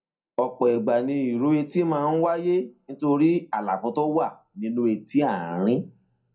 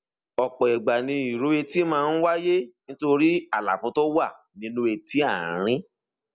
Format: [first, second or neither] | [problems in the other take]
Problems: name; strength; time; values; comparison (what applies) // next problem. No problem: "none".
second | room echo; dies away in 0.2 s